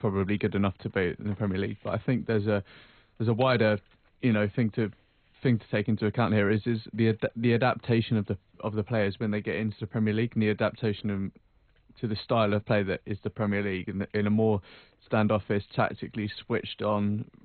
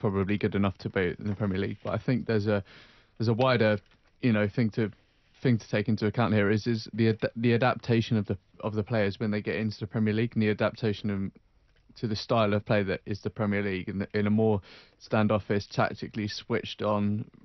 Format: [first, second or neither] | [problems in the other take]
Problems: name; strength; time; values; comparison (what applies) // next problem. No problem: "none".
second | garbled, watery; badly; nothing above 4 kHz; slightly in the second